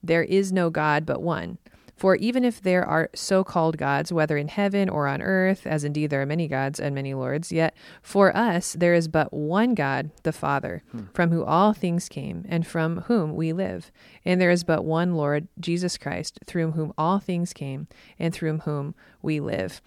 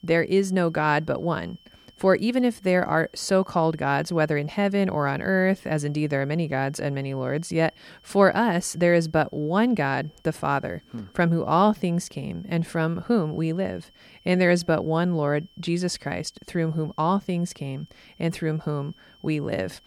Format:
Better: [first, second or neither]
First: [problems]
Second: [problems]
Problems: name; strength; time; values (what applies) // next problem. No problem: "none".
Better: first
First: none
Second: high-pitched whine; faint; throughout; 3 kHz, 30 dB below the speech